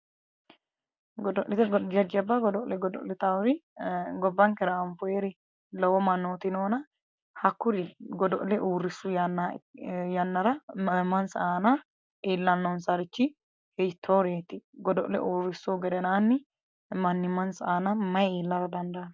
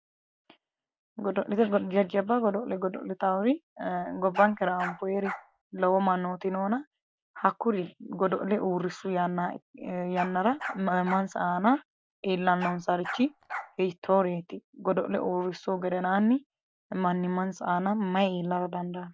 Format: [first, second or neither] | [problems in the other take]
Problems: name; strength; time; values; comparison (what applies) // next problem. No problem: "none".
first | background sound (Bark); 11 dB below the speech